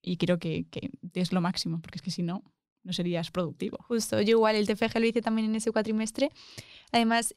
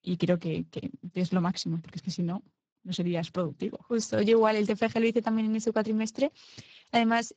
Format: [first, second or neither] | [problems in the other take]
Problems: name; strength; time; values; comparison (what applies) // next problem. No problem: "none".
first | garbled, watery; badly; nothing above 7.5 kHz